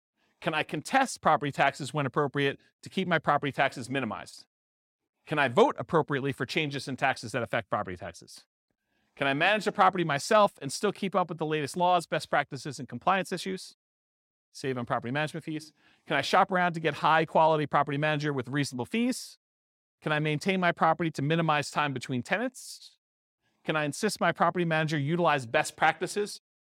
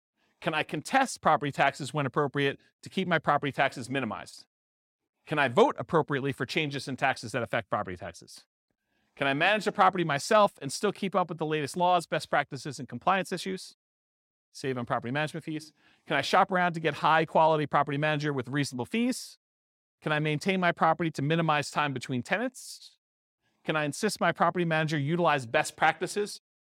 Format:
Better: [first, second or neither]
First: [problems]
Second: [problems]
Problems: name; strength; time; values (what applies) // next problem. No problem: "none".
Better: neither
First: none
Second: none